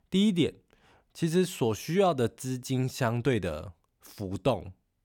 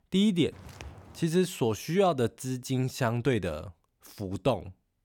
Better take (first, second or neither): first